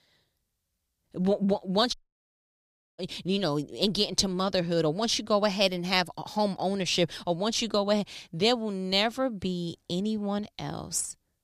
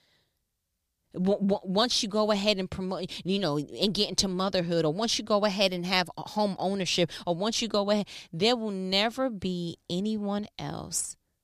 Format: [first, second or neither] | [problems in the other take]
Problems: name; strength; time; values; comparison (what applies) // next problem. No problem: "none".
second | audio cutting out; at 2 s for 1 s